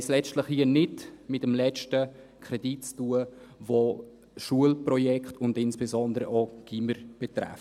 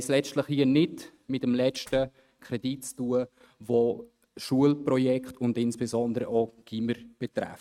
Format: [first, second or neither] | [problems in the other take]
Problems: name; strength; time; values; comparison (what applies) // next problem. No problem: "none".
first | noise reduction (neural mask model RNNoise)